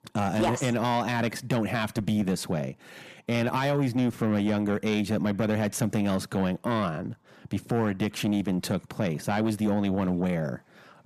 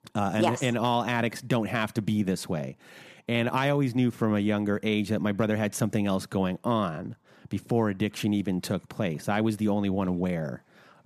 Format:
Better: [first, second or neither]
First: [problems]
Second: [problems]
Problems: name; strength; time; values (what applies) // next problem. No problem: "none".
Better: second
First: distortion; slight; 10 dB below the speech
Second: none